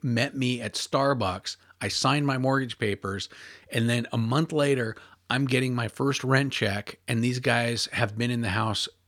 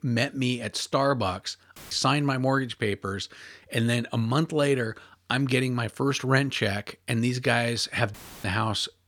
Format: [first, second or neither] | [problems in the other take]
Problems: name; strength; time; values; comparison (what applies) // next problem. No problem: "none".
first | audio cutting out; filled with static; at 2 s and at 8 s